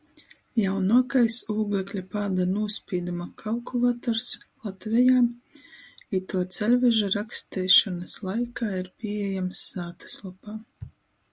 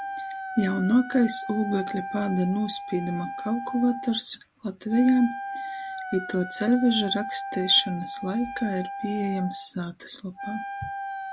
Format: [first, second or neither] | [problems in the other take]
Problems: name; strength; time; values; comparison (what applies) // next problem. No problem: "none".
first | background sound (Wind instrument, woodwind instrument); 9 dB below the speech